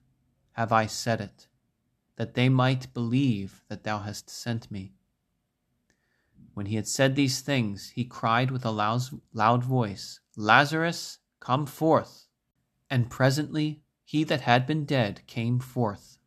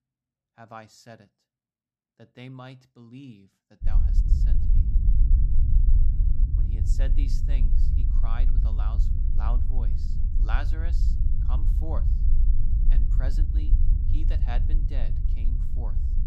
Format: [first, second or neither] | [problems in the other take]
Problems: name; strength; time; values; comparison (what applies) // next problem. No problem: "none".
first | low rumble; loud; from 4 s on; 3 dB below the speech